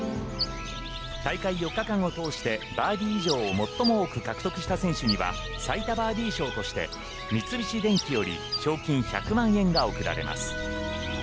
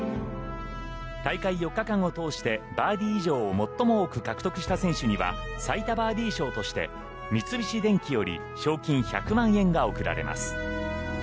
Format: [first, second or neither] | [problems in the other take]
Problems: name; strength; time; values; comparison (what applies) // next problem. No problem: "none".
second | background sound (Bird); 10 dB below the speech